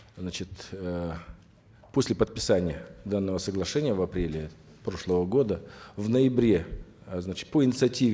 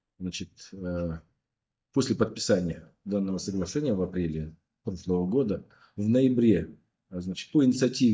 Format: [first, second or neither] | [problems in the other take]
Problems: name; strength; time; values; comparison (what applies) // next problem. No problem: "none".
first | noise reduction (neural mask model DeepFilterNet 3)